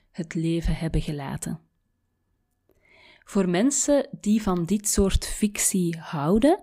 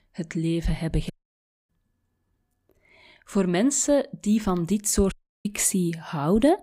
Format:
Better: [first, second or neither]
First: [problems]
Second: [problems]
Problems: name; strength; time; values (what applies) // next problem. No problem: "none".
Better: first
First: none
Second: audio cutting out; at 1 s for 0.5 s and at 5 s